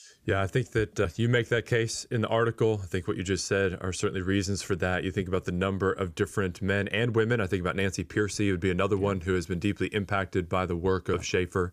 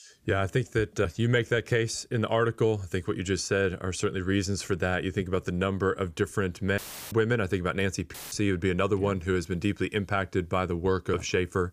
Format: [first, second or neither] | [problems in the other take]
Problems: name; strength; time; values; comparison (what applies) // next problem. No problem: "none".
first | audio cutting out; filled with static; at 7 s and at 8 s